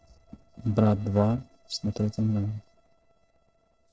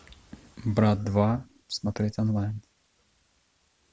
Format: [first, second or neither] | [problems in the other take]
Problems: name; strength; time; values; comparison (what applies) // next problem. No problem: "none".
second | noise reduction (neural separator model SepFormer DNS4)